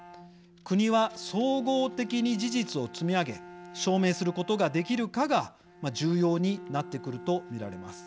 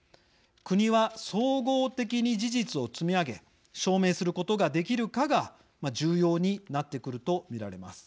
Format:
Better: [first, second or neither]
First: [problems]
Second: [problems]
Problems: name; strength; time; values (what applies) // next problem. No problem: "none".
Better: second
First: background sound (Bowed string instrument); 17 dB below the speech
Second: none